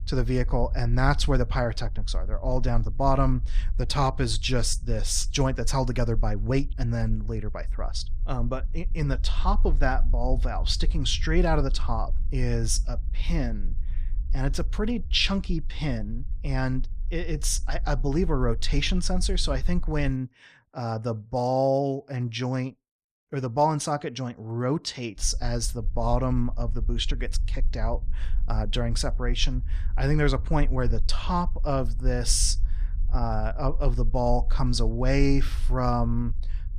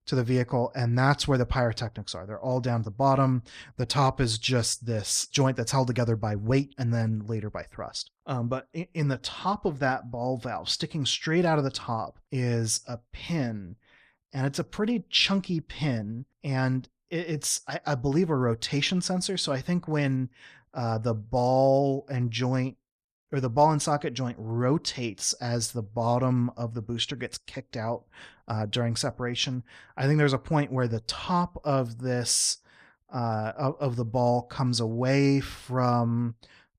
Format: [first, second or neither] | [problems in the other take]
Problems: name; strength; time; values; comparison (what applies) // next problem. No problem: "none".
second | low rumble; faint; until 20 s and from 25 s on; 25 dB below the speech